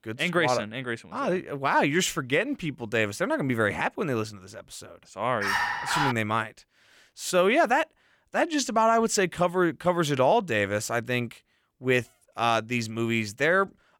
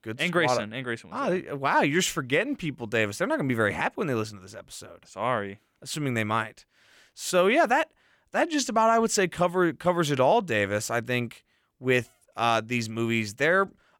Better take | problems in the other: second | dog barking; noticeable; at 5.5 s; peak level with the speech

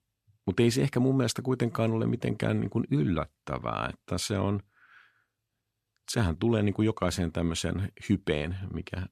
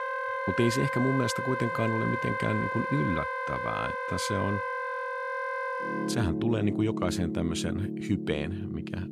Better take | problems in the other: first | background music; loud; throughout; 1 dB below the speech

